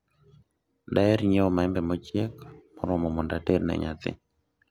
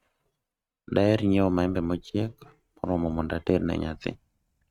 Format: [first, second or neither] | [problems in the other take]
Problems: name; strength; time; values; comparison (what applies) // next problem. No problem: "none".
first | noise reduction (neural mask model RNNoise)